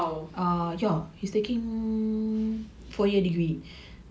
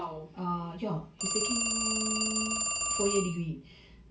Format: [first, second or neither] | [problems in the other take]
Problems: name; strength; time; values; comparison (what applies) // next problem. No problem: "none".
first | background sound (Telephone); 2 dB above the speech // room echo; dies away in 0.2 s